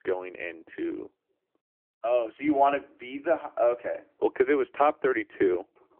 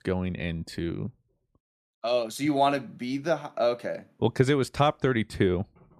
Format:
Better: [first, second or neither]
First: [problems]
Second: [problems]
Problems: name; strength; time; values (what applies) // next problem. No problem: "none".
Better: second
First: phone-call audio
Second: none